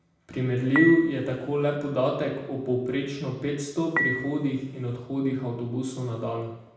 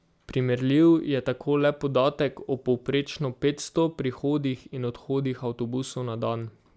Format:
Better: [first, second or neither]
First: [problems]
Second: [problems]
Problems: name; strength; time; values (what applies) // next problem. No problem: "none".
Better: second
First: background sound (Dishes, pots, and pans / Chink, clink); 4 dB below the speech // room echo; dies away in 0.9 s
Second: none